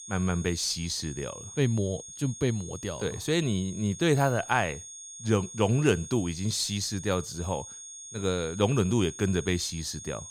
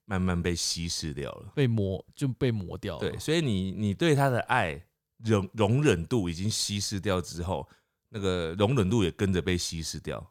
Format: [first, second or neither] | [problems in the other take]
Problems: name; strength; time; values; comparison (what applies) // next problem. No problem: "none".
second | high-pitched whine; noticeable; throughout; 6.5 kHz, 10 dB below the speech